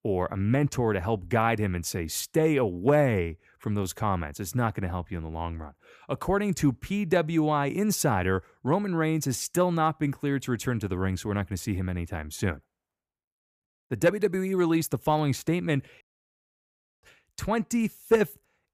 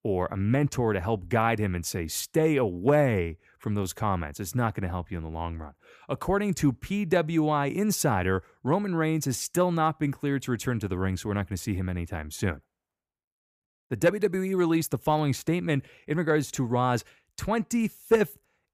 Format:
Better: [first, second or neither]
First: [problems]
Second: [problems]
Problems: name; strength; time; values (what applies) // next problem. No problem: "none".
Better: second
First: audio cutting out; at 16 s for 1 s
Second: none